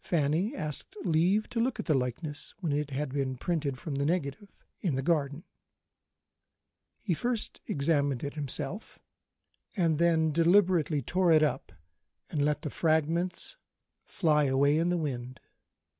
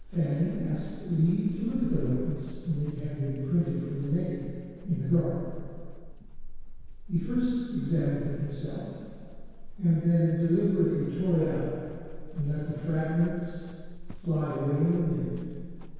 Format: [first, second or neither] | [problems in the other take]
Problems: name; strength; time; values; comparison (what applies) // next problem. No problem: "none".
first | background sound (Livestock, farm animals, working animals); 10 dB below the speech // room echo; dies away in 2 s